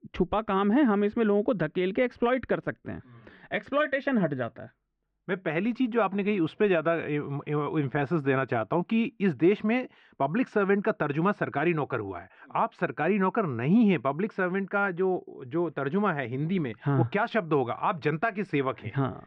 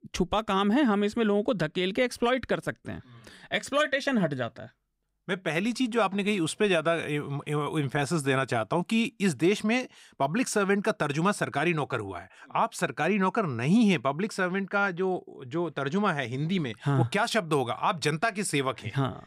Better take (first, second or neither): second